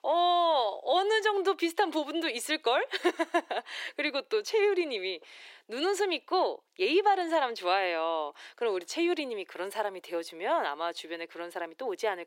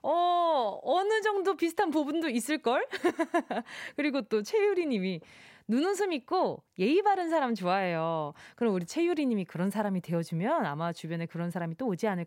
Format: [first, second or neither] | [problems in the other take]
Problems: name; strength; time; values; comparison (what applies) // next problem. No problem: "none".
second | thin; very; fading below 350 Hz